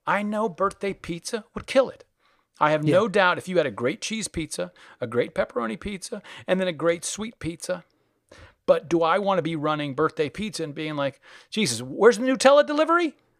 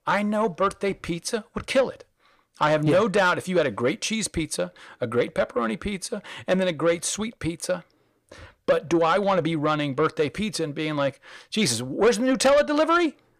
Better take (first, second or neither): first